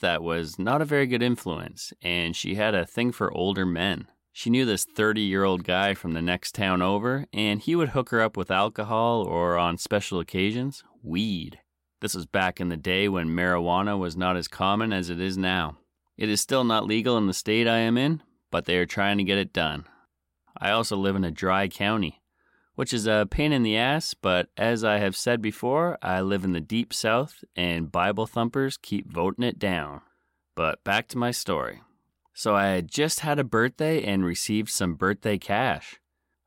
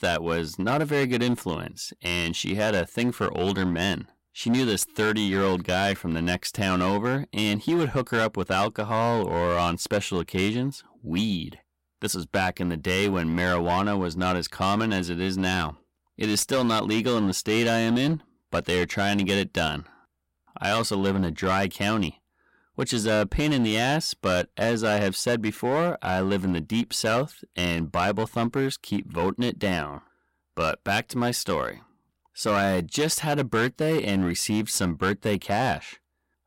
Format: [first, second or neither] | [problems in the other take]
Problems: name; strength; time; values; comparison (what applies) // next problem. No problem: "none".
first | distortion; slight; 8% of the sound clipped